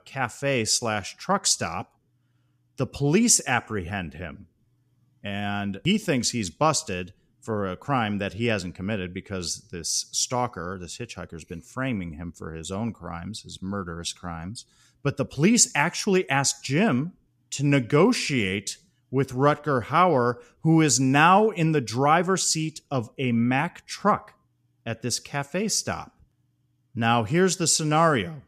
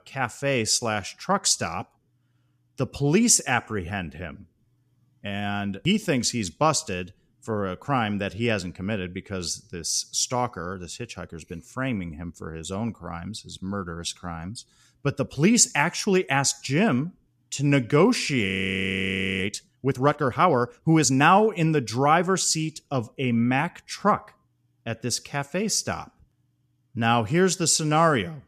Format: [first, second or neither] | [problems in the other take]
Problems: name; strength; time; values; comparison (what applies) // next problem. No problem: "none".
first | audio freezing; at 18 s for 1 s